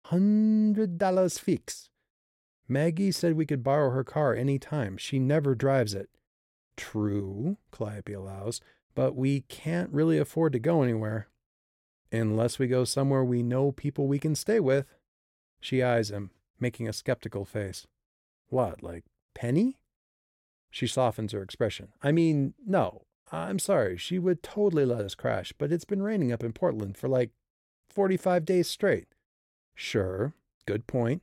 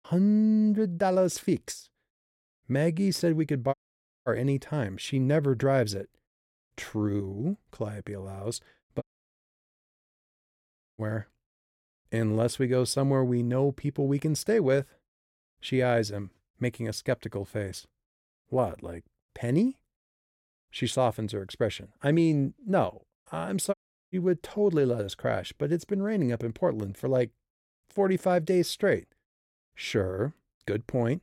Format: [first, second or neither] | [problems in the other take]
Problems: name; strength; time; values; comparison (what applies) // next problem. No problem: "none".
first | audio cutting out; at 3.5 s for 0.5 s, at 9 s for 2 s and at 24 s